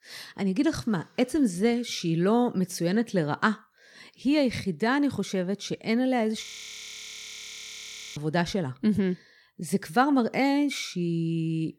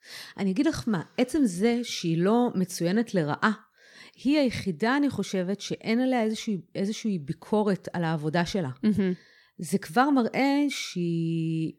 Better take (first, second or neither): second